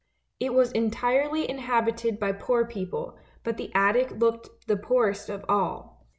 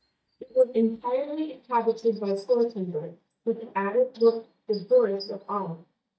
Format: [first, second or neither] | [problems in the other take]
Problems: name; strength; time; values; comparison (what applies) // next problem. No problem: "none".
first | noise reduction (neural mask model DeepFilterNet 3)